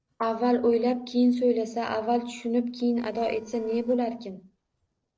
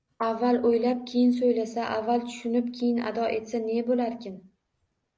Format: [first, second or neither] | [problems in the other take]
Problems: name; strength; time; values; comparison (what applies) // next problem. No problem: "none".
second | noise reduction (neural separator model SepFormer DNS4)